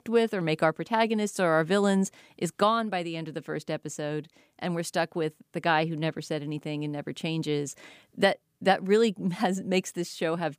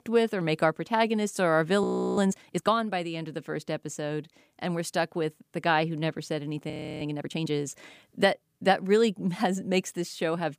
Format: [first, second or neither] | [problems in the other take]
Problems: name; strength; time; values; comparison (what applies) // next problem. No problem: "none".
first | audio freezing; at 2 s and at 6.5 s